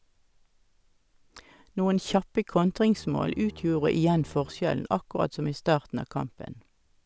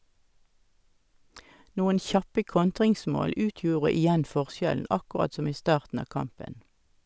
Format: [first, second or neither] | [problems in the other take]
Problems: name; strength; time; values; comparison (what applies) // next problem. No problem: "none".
second | background sound (Bowed string instrument); 19 dB below the speech